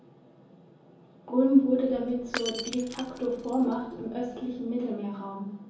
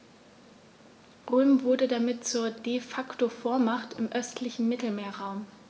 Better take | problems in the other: second | background sound (Shatter / Crushing); 14 dB below the speech // room echo; dies away in 0.7 s

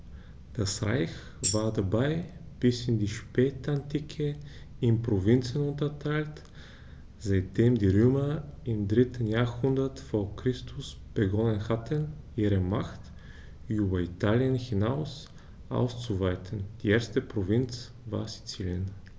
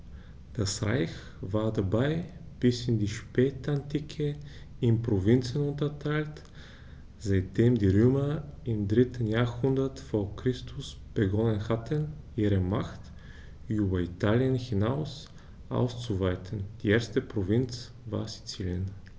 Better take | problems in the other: second | background sound (Tambourine); 7 dB below the speech

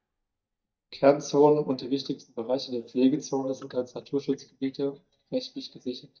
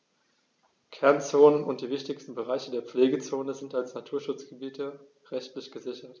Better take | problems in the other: second | noise reduction (neural mask model DeepFilterNet 3)

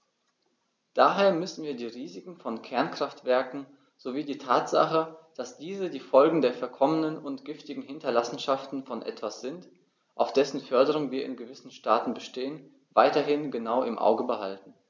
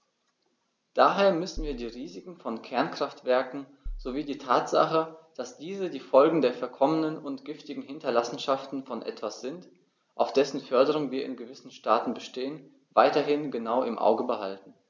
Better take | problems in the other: first | background sound (Bass drum); 13 dB below the speech

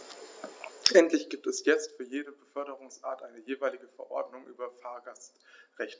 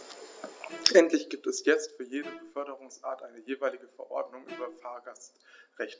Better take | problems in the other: first | background sound (Bowed string instrument); 19 dB below the speech

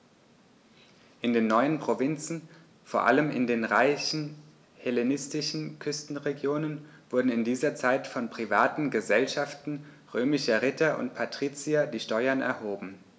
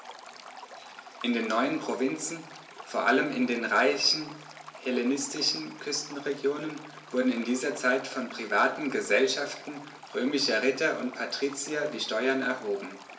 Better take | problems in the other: first | background sound (Stream); 17 dB below the speech // room echo; dies away in 0.3 s

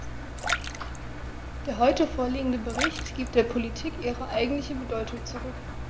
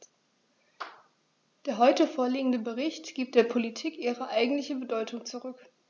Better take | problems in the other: second | background sound (Engine + Splash, splatter); 5 dB below the speech

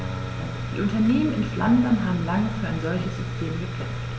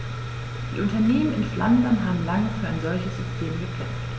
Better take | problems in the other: second | background sound (Bowed string instrument + Keyboard (musical)); 16 dB below the speech

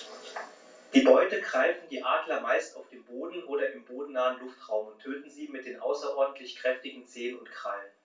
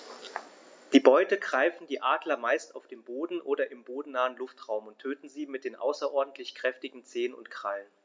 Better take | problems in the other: second | room echo; dies away in 0.2 s

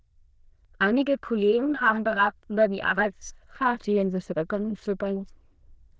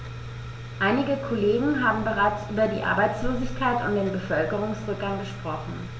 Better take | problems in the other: second | noise reduction (neural diffusion model UNIVERSE++)

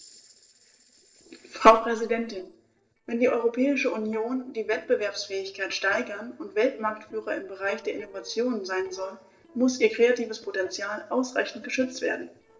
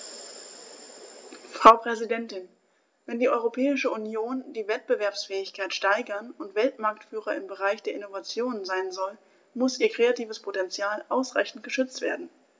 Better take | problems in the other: second | noise reduction (neural separator model SepFormer DNS4)

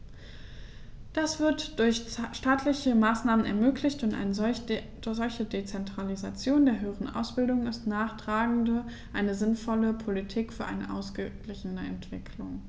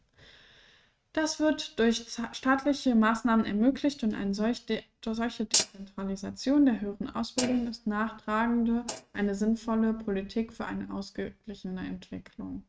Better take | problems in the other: first | noise reduction (neural mask model RNNoise)

